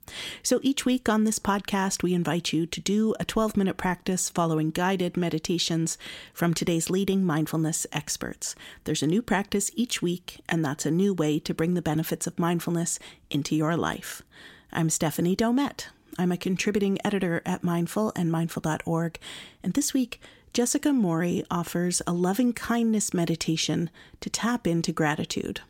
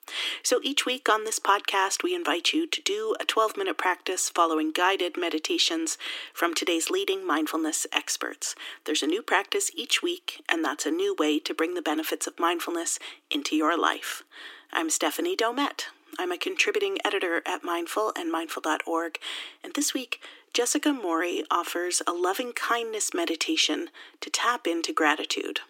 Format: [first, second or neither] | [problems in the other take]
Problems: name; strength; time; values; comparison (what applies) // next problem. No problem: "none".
first | thin; very; fading below 300 Hz